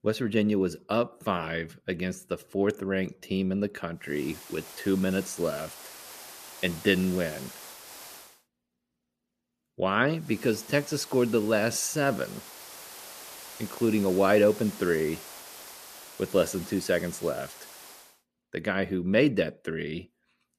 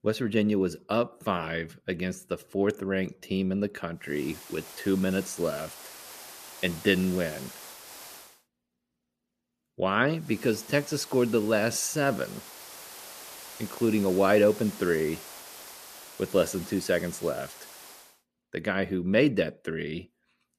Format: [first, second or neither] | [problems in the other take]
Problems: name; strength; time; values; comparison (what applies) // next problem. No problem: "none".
neither | hiss; noticeable; from 4 to 8.5 s and from 10 to 18 s; 15 dB below the speech; the same in both